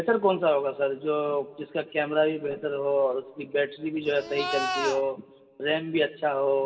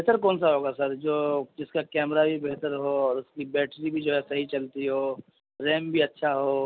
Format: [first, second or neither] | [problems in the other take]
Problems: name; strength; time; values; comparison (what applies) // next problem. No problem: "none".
second | background sound (Livestock, farm animals, working animals); 5 dB below the speech // room echo; dies away in 1.7 s